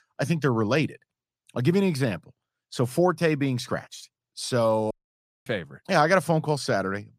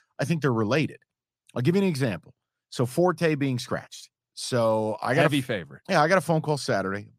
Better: second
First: audio cutting out; at 5 s for 0.5 s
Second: none

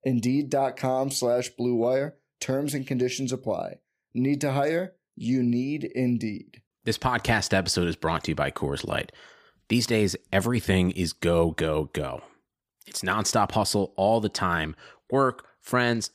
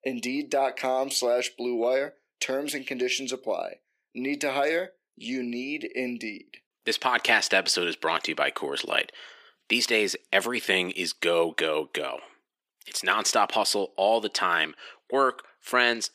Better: first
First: none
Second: thin; somewhat; fading below 300 Hz

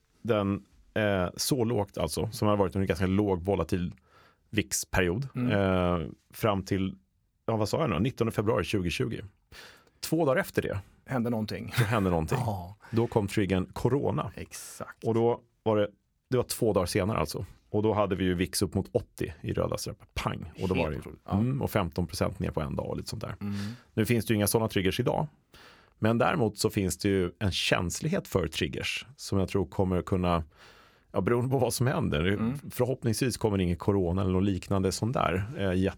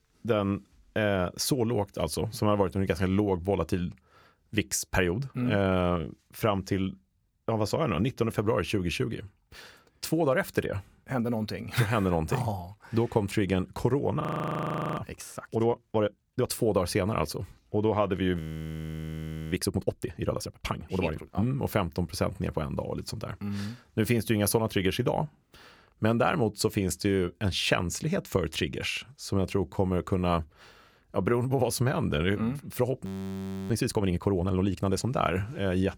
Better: first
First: none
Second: audio freezing; at 14 s for 1 s, at 18 s for 1 s and at 33 s for 0.5 s

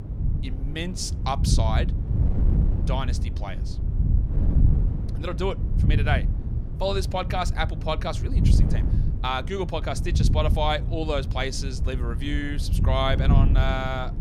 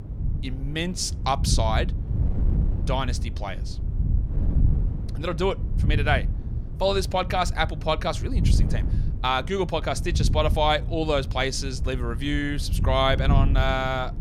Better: second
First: wind noise on the microphone; heavy; 10 dB below the speech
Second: wind noise on the microphone; occasional gusts; 15 dB below the speech

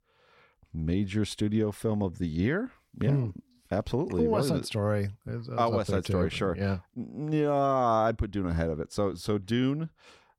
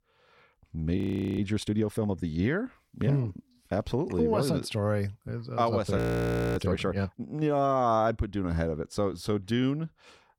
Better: first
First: none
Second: audio freezing; at 1 s and at 6 s for 0.5 s

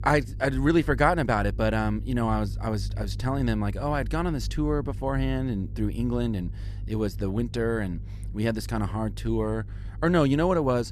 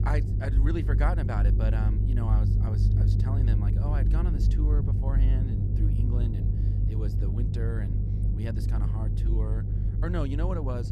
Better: first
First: low rumble; faint; throughout; 25 dB below the speech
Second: low rumble; loud; throughout; 2 dB below the speech

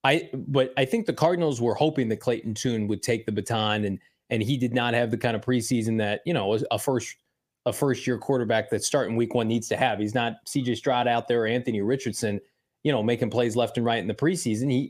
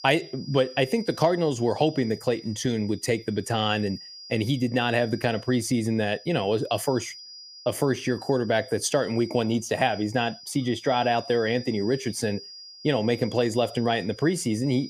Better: first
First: none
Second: high-pitched whine; noticeable; throughout; 5 kHz, 15 dB below the speech

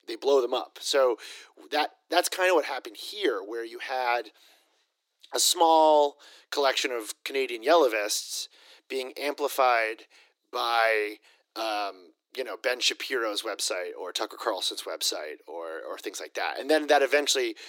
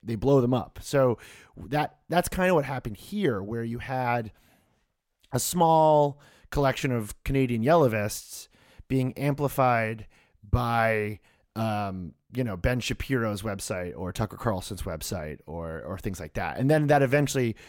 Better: second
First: thin; very; fading below 300 Hz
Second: none

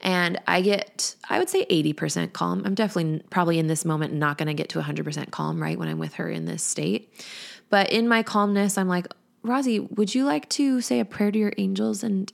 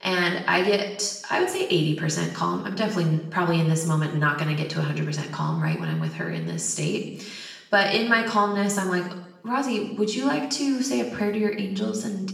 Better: first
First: none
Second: room echo; noticeable; dies away in 0.7 s // off-mic speech; far

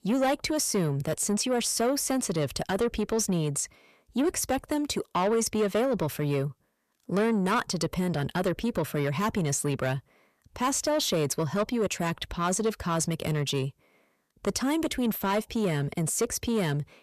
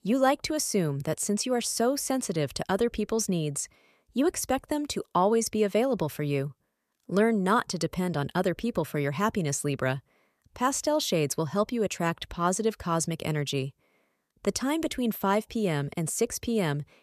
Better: second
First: distortion; slight; 10 dB below the speech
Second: none

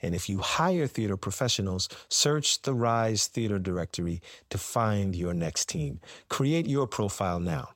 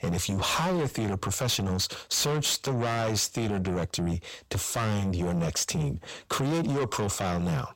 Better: first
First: none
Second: distortion; heavy; 6 dB below the speech

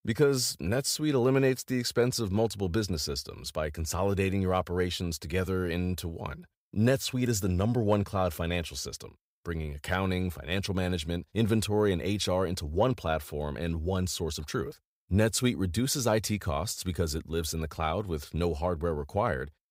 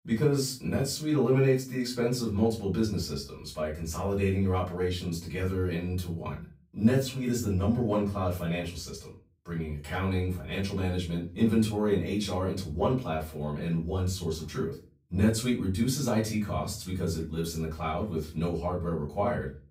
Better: first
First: none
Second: room echo; slight; dies away in 0.3 s // off-mic speech; far

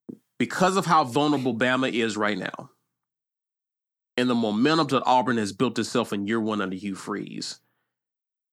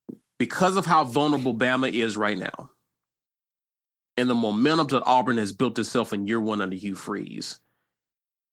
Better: first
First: none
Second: garbled, watery; slightly

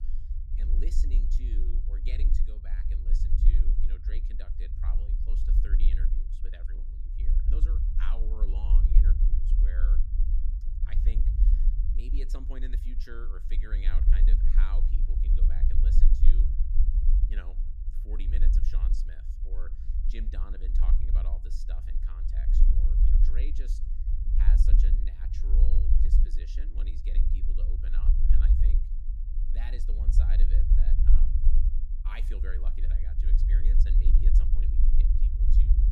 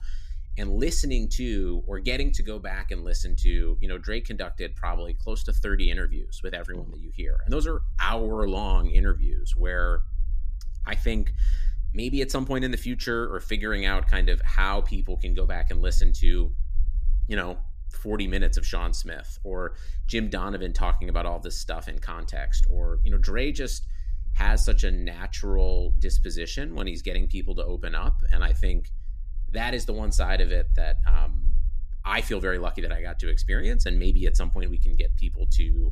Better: second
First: low rumble; loud; throughout; as loud as the speech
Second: low rumble; faint; throughout; 25 dB below the speech

